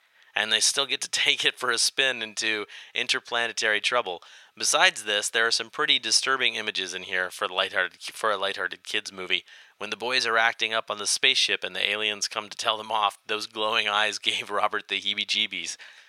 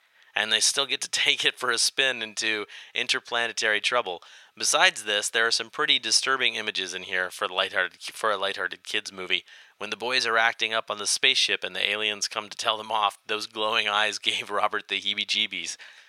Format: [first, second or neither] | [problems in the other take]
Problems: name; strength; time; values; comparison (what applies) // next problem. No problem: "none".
neither | thin; very; fading below 850 Hz; the same in both